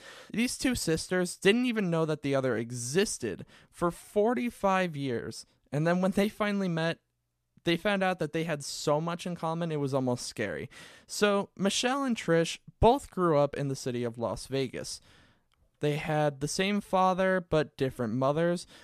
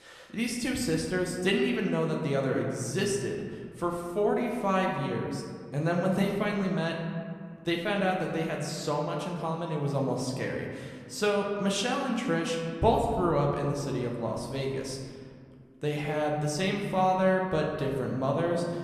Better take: first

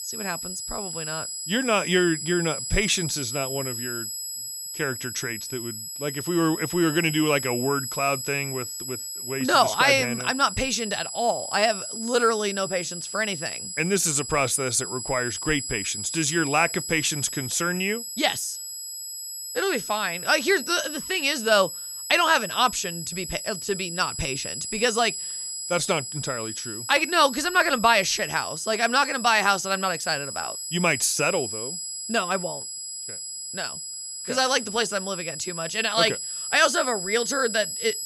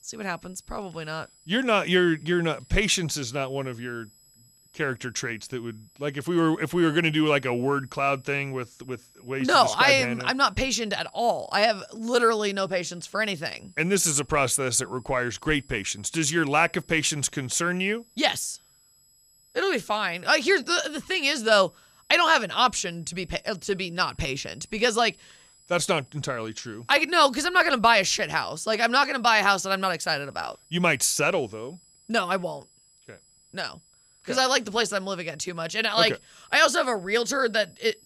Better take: second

